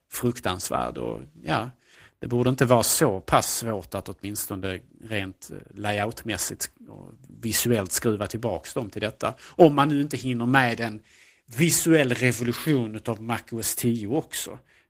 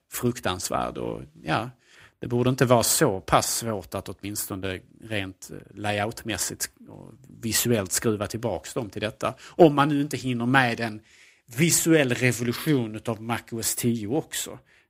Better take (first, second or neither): second